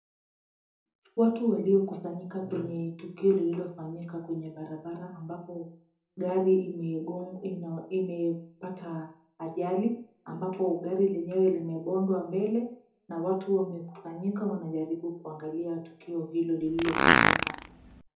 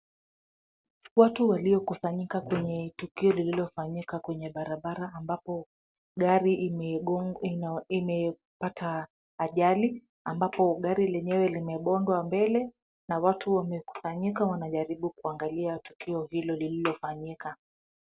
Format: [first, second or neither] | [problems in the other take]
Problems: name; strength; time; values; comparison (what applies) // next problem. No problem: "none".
second | background sound (Fart); 5 dB above the speech // room echo; dies away in 0.5 s